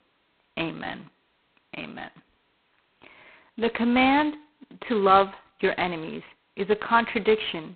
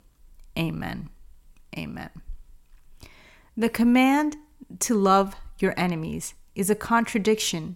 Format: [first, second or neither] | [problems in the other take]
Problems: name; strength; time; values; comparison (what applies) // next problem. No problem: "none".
second | phone-call audio; poor line; nothing above 4 kHz